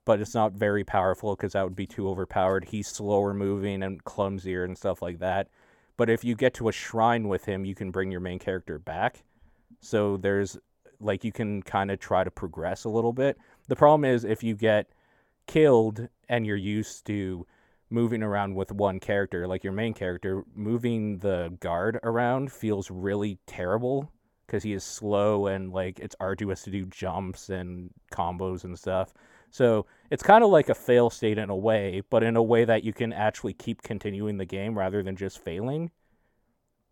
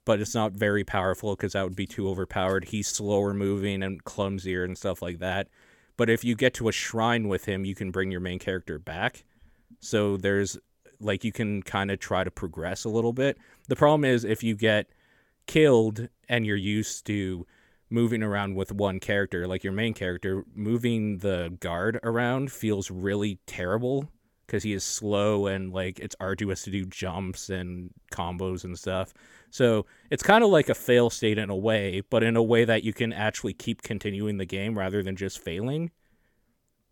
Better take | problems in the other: second | muffled; slightly; fading above 2 kHz

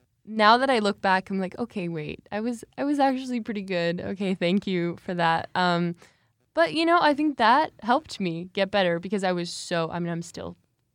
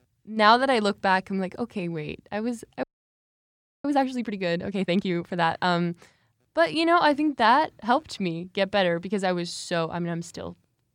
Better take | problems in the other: first | audio freezing; at 3 s for 1 s

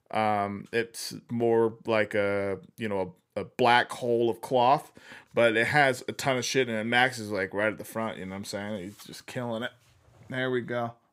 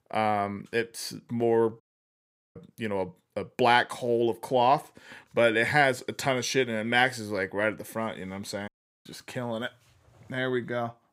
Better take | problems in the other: first | audio cutting out; at 2 s for 0.5 s and at 8.5 s

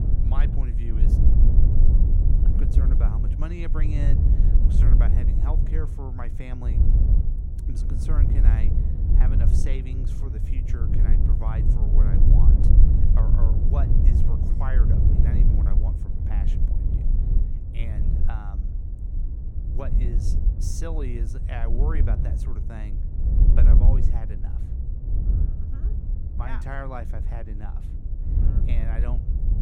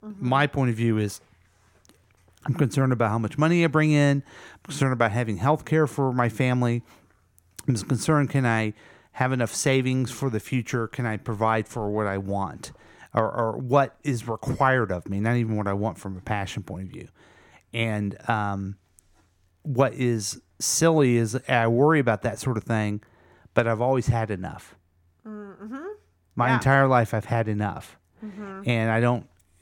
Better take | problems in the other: second | wind noise on the microphone; heavy; as loud as the speech

